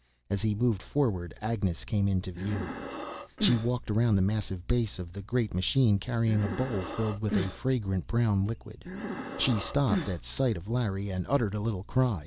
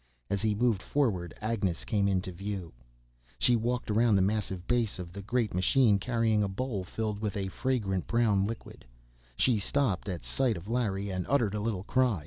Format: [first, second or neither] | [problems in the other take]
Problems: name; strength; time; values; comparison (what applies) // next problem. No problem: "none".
second | background sound (Breathing); 6 dB below the speech